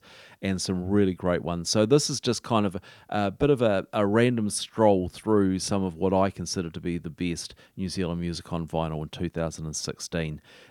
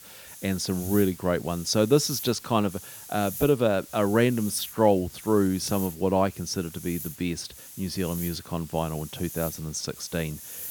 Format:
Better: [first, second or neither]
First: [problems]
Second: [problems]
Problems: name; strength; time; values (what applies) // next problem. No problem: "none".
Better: first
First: none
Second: hiss; noticeable; throughout; 10 dB below the speech